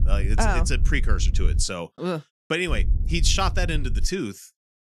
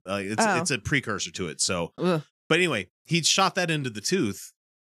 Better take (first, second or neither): second